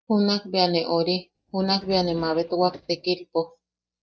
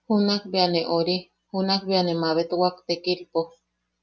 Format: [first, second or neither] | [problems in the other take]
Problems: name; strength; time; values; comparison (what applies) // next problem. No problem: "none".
second | noise reduction (neural mask model DeepFilterNet 3)